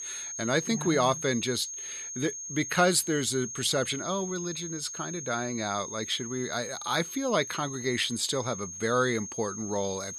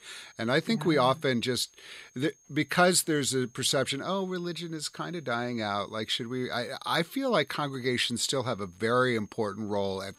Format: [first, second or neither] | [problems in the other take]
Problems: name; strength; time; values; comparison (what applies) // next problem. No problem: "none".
second | high-pitched whine; loud; throughout; 6.5 kHz, 7 dB below the speech; faint in the second